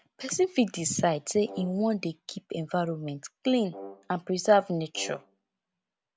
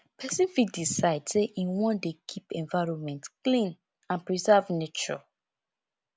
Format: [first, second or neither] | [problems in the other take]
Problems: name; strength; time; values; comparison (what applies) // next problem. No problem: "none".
second | background sound (Brass instrument); 18 dB below the speech